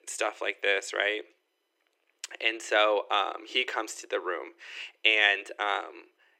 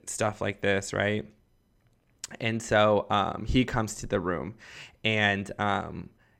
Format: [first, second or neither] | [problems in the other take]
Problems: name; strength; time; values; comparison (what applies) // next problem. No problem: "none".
second | thin; very; fading below 350 Hz